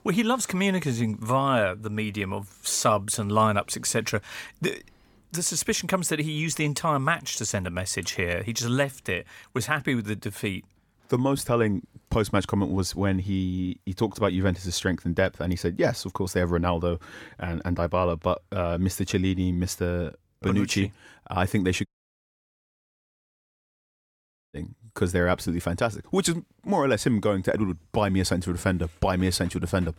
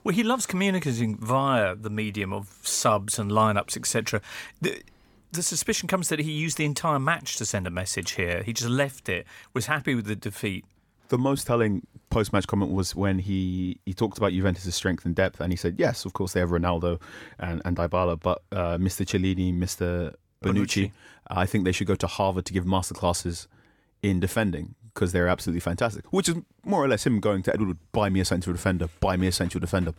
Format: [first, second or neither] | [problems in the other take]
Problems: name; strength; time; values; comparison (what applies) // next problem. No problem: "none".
second | audio cutting out; at 22 s for 2.5 s